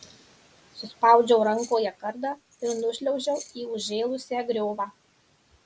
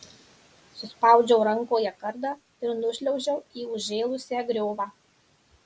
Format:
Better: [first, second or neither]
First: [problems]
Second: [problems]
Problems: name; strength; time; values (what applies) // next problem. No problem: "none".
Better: second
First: background sound (Keys jangling); 19 dB below the speech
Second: none